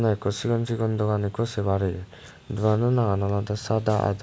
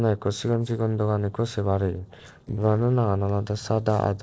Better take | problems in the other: first | noise reduction (neural separator model SepFormer DNS4)

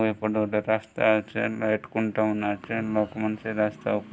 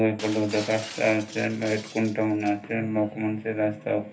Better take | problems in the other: first | background sound (Shatter); 16 dB below the speech // room echo; dies away in 0.3 s

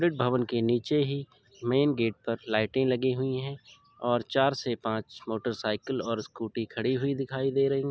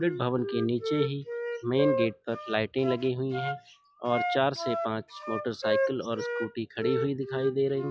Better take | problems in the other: first | noise reduction (classical method log-MMSE)

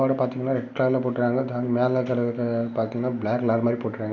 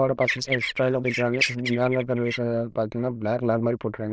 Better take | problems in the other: first | noise reduction (neural diffusion model UNIVERSE++)

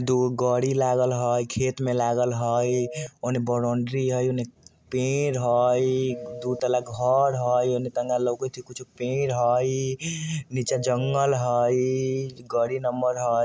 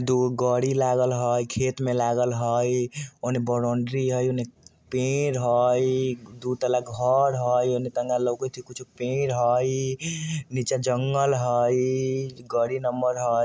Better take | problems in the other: second | background sound (Telephone); 15 dB below the speech

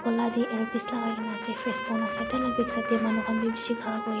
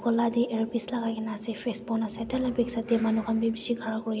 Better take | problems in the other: second | background sound (Trumpet); 5 dB below the speech

